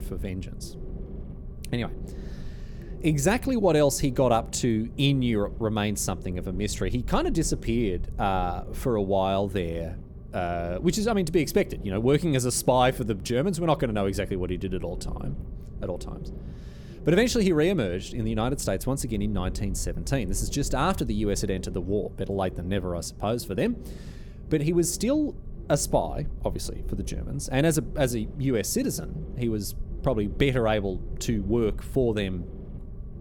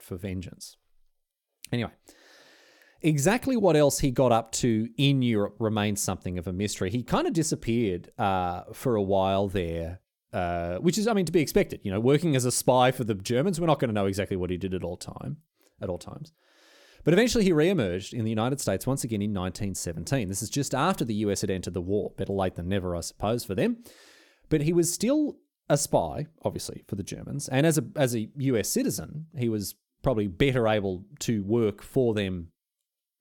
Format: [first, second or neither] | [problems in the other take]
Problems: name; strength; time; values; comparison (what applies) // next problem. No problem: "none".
second | low rumble; faint; throughout; 20 dB below the speech